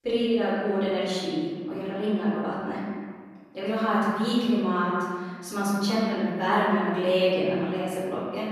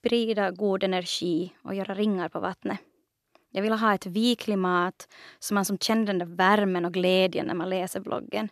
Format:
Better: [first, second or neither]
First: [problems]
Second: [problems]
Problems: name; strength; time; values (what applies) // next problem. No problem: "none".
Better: second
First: off-mic speech; far // room echo; strong; dies away in 1.6 s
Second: none